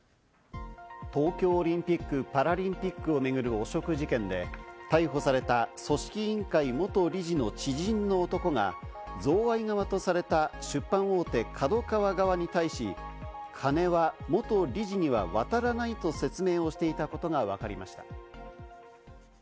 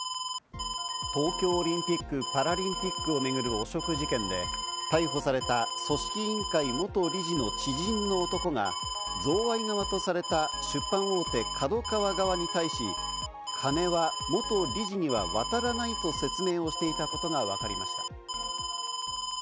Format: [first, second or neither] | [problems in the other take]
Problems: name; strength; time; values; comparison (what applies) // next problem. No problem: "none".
first | background sound (Alarm); 4 dB below the speech